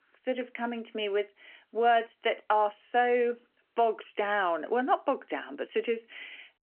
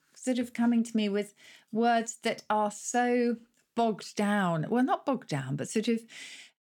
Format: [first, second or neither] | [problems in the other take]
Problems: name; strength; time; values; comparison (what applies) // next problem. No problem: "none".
second | phone-call audio; nothing above 3 kHz